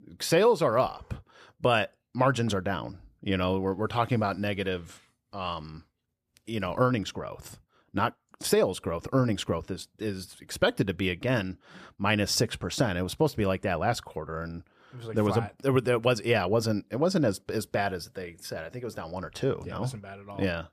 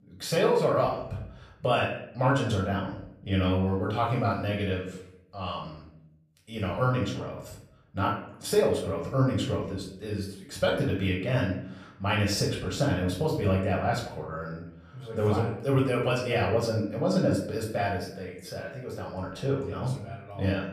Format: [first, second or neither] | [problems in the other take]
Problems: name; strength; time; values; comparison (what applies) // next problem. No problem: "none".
first | off-mic speech; far // room echo; noticeable; dies away in 0.6 s